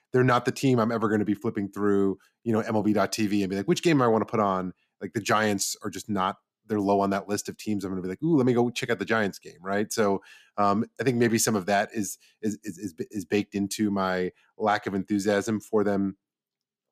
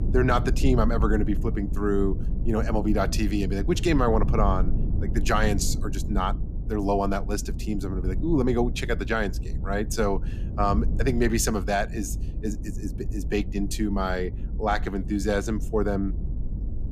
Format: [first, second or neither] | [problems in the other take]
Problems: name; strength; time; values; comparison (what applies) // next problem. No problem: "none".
first | low rumble; noticeable; throughout; 15 dB below the speech